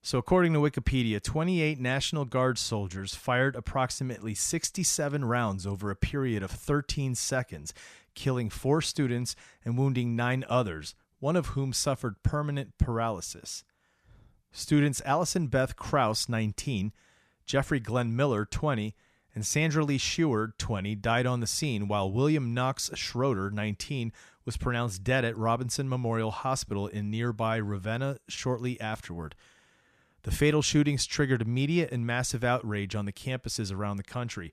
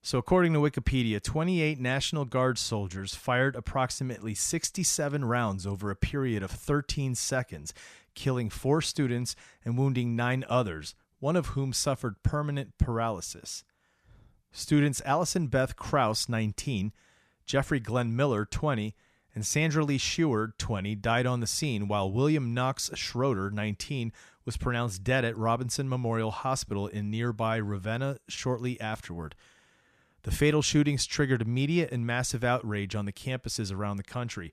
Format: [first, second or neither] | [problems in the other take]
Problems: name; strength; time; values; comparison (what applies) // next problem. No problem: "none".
neither | none